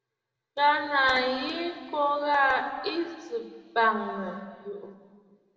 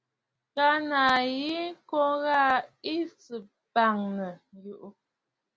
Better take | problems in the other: second | room echo; dies away in 2.1 s

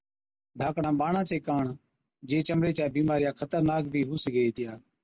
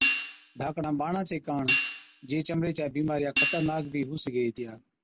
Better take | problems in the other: first | background sound (Hi-hat); 2 dB below the speech

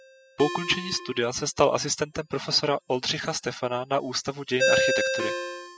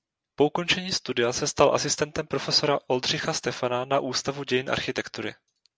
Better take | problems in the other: second | noise reduction (classical method spectral subtraction)

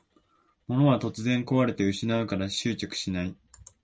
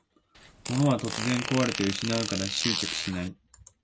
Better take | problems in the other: first | background sound (Fart); 4 dB below the speech

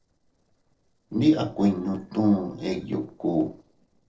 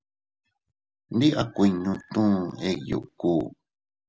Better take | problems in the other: second | noise reduction (neural separator model SepFormer DNS4)

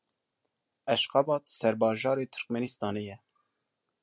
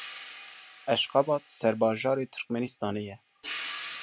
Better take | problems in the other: first | background sound (Hi-hat); 14 dB below the speech

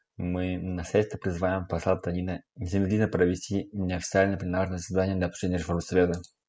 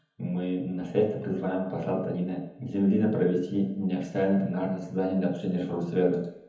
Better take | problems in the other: first | room echo; dies away in 1 s

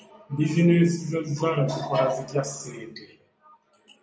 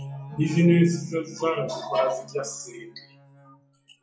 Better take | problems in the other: first | noise reduction (classical method log-MMSE)

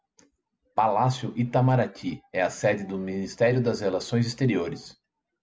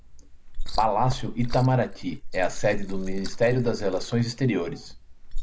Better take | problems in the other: first | noise reduction (neural mask model Resemble Enhance denoiser)

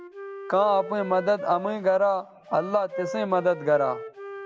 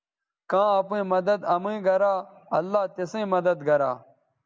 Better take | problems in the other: second | background sound (Wind instrument, woodwind instrument); 12 dB below the speech

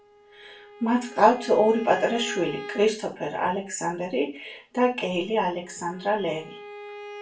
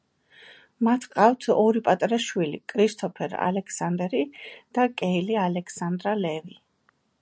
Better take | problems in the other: second | background sound (Bowed string instrument); 16 dB below the speech // room echo; dies away in 0.3 s

